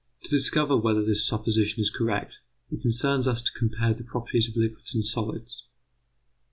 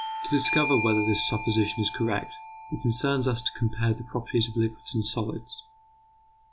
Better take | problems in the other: first | background sound (Bell / Doorbell); 9 dB below the speech

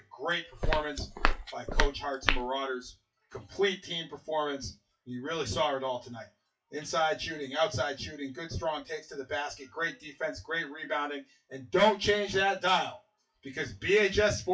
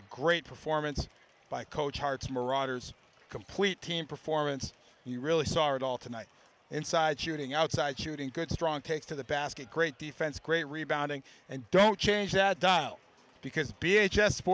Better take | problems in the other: second | noise reduction (classical method WPE with log-MMSE)

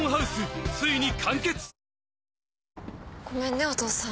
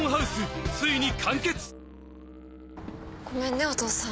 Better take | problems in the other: first | background sound (Musical instrument); 16 dB below the speech

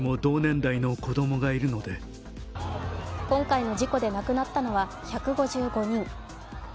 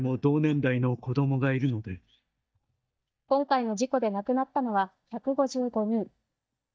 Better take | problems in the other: first | noise reduction (neural mask model DeepFilterNet 3)

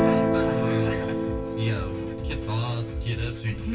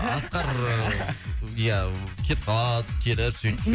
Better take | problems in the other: second | background sound (Guitar); 3 dB above the speech // room echo; dies away in 0.2 s

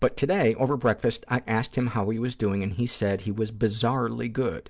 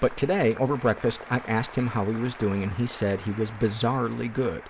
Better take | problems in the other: first | background sound (Applause); 17 dB below the speech

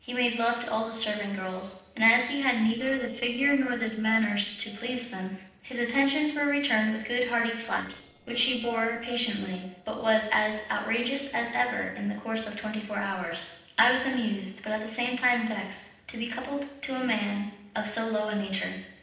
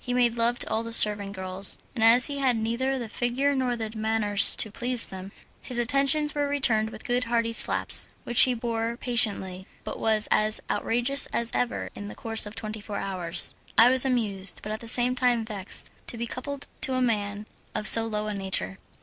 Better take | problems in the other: second | noise reduction (neural separator model SepFormer DNS4)

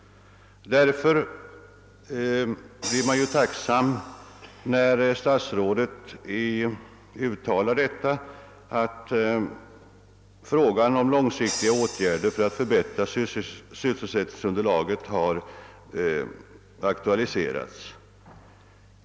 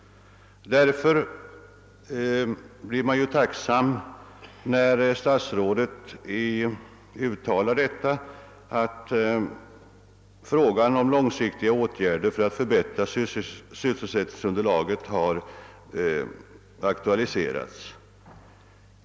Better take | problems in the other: second | background sound (Crash cymbal); 18 dB below the speech

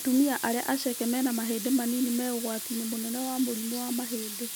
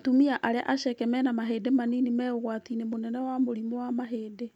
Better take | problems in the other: second | background sound (Sink (filling or washing) / Water tap, faucet); 8 dB below the speech

